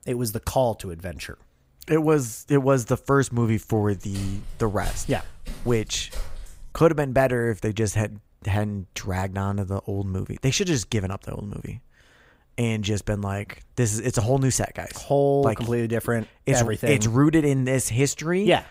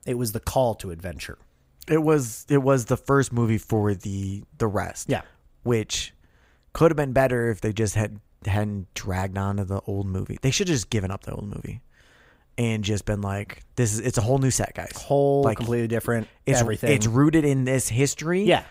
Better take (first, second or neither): second